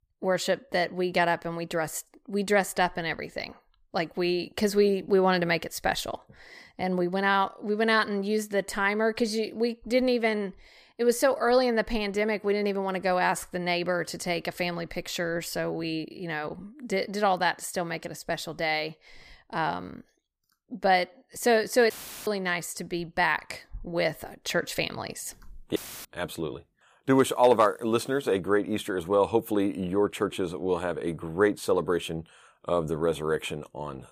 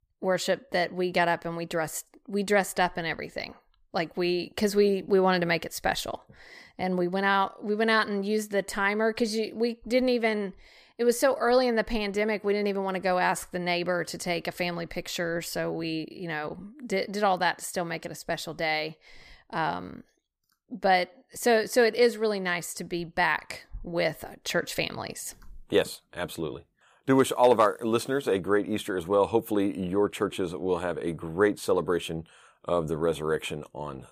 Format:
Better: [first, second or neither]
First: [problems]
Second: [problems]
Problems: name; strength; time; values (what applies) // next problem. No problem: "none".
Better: second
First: audio cutting out; filled with static; at 22 s and at 26 s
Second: none